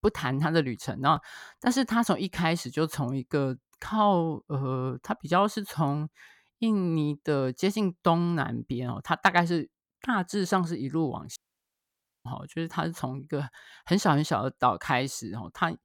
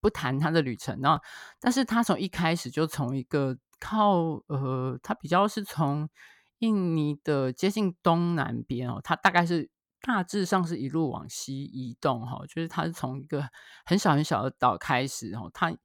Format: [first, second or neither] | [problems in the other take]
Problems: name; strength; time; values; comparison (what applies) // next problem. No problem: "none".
second | audio cutting out; at 11 s for 1 s